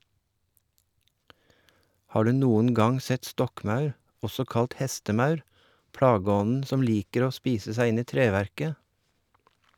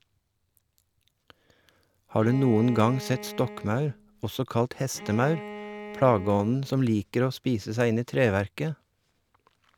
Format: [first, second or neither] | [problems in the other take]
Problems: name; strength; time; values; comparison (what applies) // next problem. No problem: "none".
first | background sound (Bowed string instrument); 14 dB below the speech